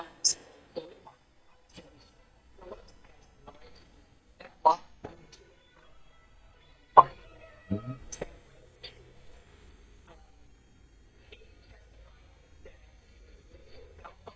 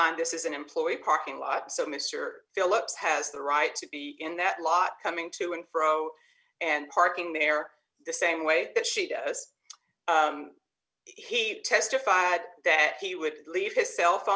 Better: second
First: noise reduction (neural mask model DeepFilterNet 3)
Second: none

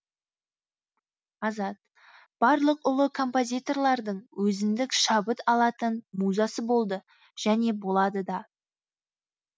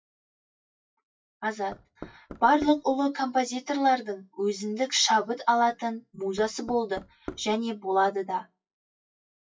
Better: first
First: none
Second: noise reduction (classical method WPE with log-MMSE)

